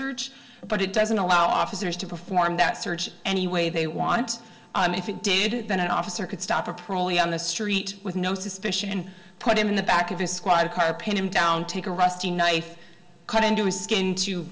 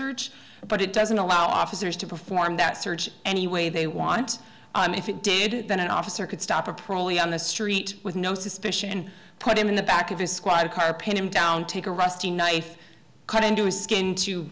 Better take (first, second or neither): second